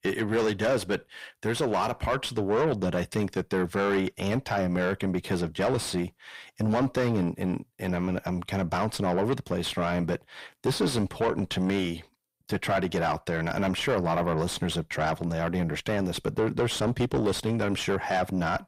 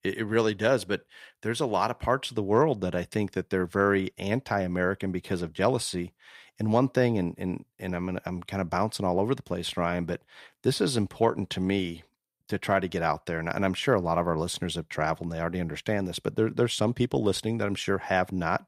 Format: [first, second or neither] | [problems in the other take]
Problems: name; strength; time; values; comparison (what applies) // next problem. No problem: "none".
second | distortion; heavy; 7 dB below the speech